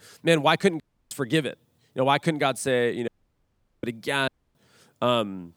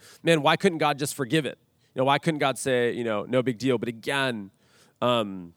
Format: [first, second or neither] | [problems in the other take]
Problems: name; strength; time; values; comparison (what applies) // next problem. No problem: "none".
second | audio cutting out; at 1 s, at 3 s for 1 s and at 4.5 s